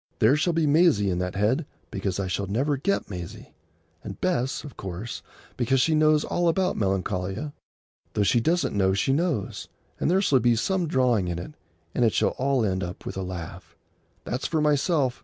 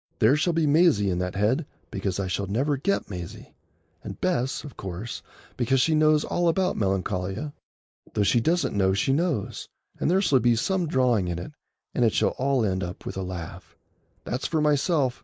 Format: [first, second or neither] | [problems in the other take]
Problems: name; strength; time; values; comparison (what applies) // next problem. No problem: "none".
first | noise reduction (neural mask model Resemble Enhance denoiser)